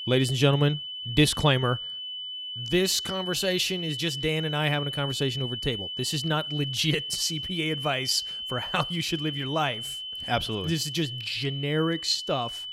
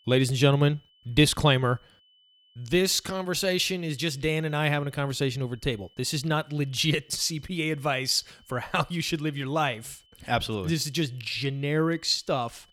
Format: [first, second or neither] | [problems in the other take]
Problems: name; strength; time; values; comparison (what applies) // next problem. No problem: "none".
second | high-pitched whine; loud; throughout; 3 kHz, 6 dB below the speech; faint in the second